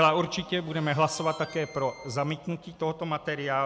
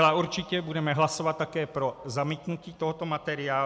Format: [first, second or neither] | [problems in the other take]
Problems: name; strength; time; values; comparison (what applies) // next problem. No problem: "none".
second | background sound (Harmonica); 20 dB below the speech